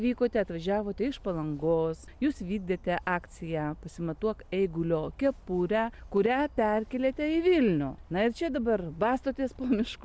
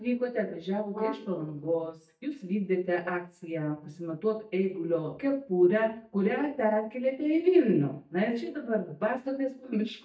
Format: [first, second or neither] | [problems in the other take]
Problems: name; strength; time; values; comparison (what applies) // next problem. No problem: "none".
first | noise reduction (neural mask model DeepFilterNet 3)